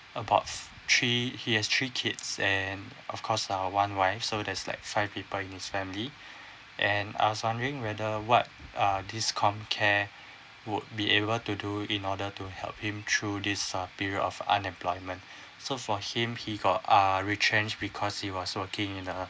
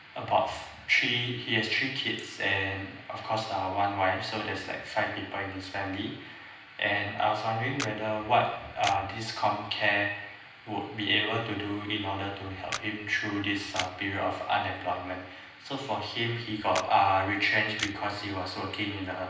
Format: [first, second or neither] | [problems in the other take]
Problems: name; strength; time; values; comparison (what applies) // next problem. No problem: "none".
first | background sound (Camera); 11 dB below the speech // room echo; dies away in 0.9 s